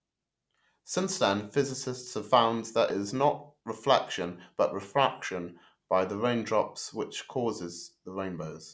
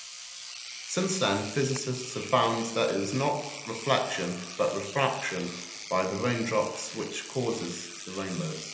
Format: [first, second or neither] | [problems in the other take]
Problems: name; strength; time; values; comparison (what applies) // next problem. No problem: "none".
first | background sound (Engine / Domestic sounds, home sounds); 12 dB below the speech // room echo; dies away in 0.7 s